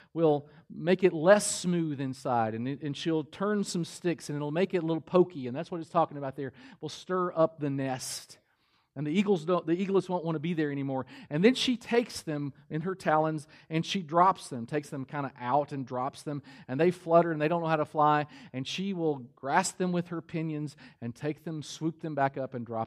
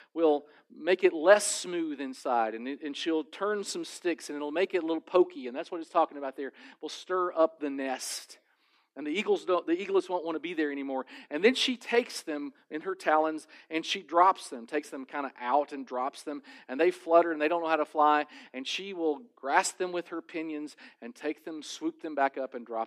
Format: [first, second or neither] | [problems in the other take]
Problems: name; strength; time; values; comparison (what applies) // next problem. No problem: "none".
first | thin; somewhat; fading below 250 Hz